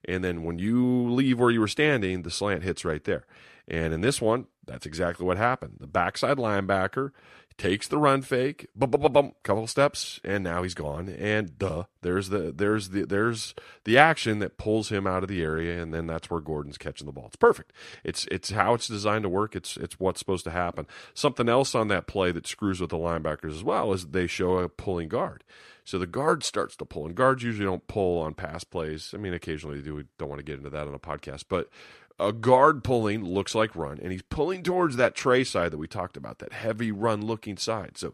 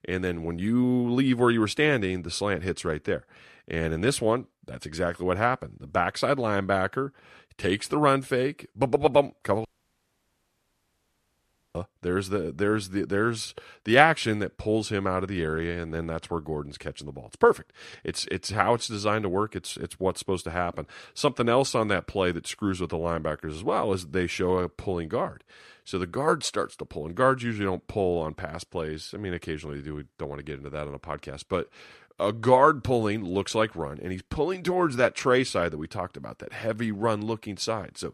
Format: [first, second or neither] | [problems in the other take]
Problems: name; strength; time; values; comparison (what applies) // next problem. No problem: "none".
first | audio cutting out; at 9.5 s for 2 s